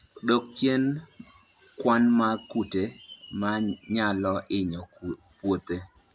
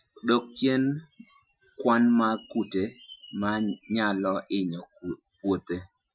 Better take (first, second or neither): first